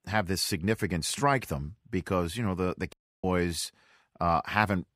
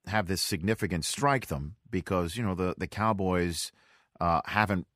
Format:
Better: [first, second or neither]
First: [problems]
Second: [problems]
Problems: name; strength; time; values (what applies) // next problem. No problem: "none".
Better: second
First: audio cutting out; at 3 s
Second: none